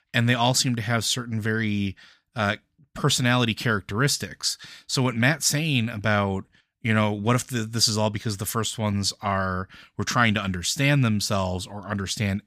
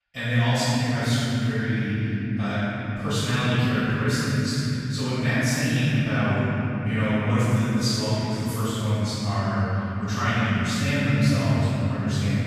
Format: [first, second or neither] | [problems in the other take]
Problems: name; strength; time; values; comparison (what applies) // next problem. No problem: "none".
first | room echo; strong; dies away in 3 s // off-mic speech; far